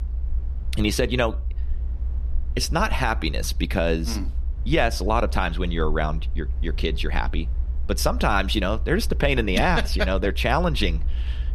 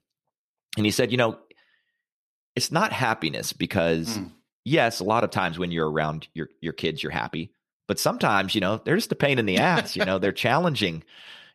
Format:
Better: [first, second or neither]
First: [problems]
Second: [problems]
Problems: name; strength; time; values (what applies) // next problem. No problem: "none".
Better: second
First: low rumble; faint; throughout; 25 dB below the speech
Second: none